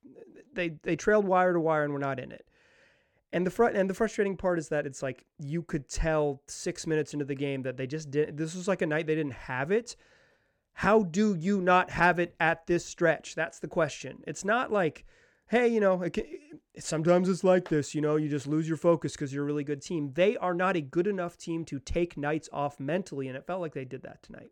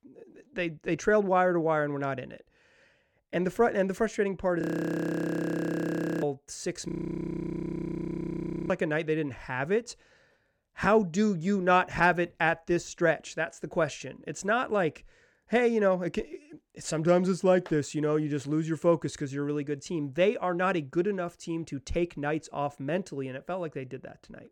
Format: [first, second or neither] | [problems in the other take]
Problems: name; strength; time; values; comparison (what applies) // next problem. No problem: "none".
first | audio freezing; at 4.5 s for 1.5 s and at 7 s for 2 s